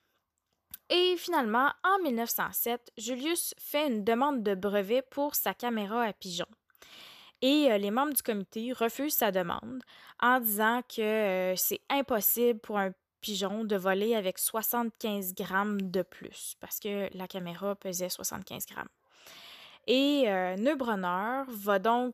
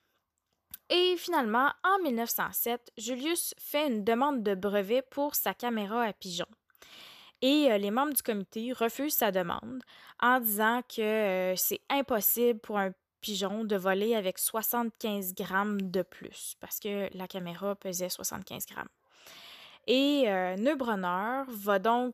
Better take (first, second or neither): neither